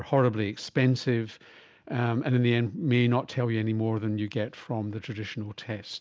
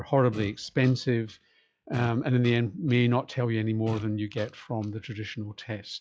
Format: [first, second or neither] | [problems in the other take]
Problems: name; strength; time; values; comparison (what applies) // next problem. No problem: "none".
first | noise reduction (classical method log-MMSE)